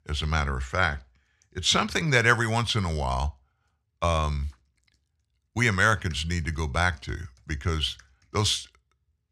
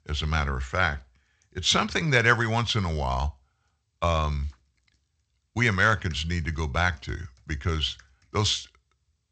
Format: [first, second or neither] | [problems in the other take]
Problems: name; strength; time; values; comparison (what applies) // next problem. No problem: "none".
first | garbled, watery; slightly; nothing above 8 kHz